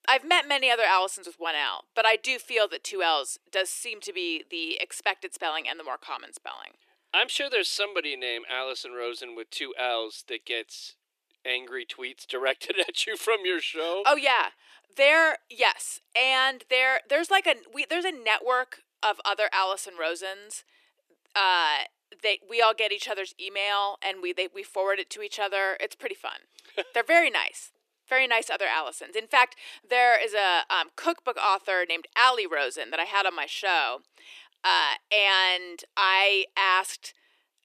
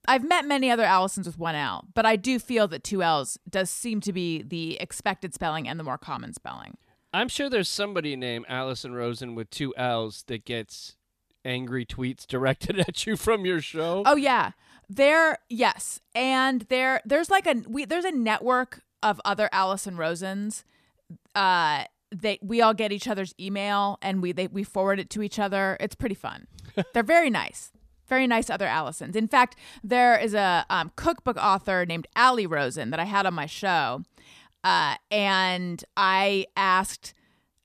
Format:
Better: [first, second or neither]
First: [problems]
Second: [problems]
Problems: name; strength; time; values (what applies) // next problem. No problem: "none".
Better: second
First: thin; very; fading below 350 Hz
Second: none